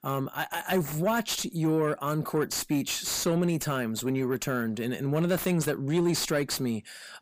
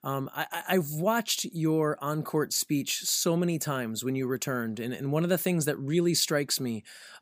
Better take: second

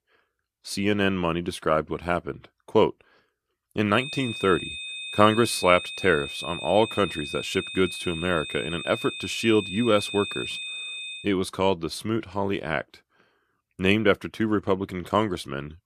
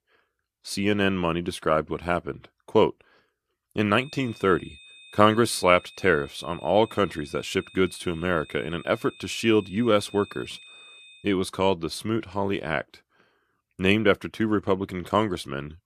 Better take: second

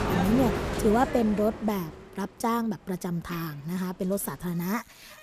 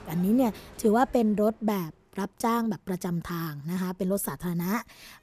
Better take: second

